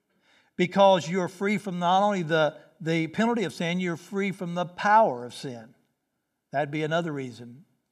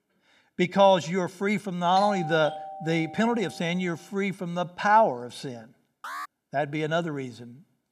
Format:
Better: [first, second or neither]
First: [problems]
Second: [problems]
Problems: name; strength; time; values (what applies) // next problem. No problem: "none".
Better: first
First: none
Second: doorbell; noticeable; from 2 to 4 s; peak 8 dB below the speech // alarm; faint; at 6 s; peak 10 dB below the speech